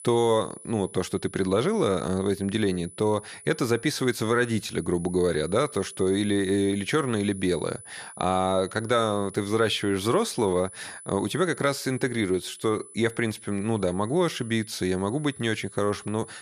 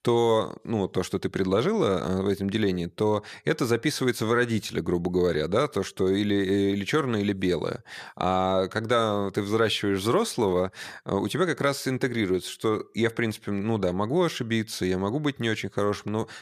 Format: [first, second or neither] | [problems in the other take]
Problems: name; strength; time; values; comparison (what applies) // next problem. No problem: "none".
second | high-pitched whine; noticeable; throughout; 10 kHz, 15 dB below the speech